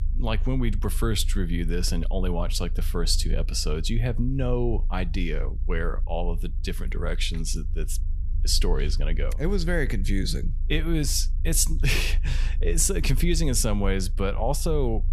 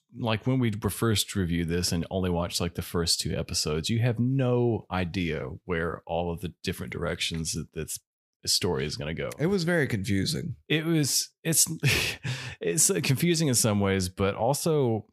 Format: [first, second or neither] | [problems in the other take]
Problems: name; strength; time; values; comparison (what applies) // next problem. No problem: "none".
second | low rumble; faint; throughout; 20 dB below the speech